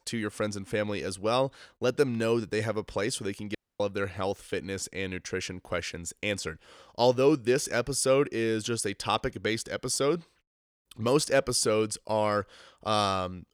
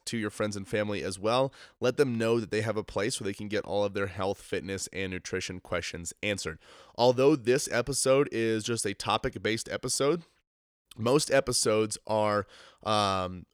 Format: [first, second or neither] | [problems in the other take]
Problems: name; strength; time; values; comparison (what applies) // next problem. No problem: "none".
second | audio cutting out; at 3.5 s